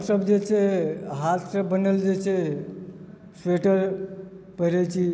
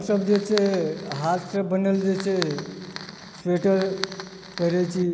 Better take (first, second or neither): first